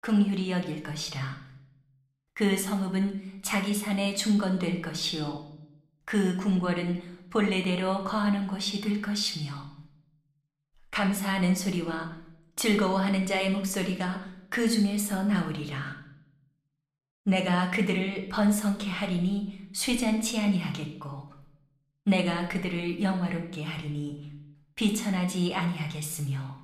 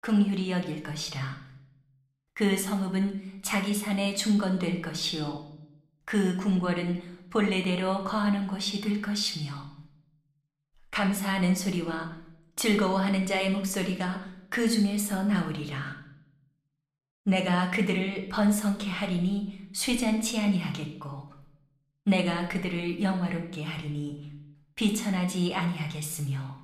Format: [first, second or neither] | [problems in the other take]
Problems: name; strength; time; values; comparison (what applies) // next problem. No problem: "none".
neither | room echo; slight; dies away in 0.6 s; the same in both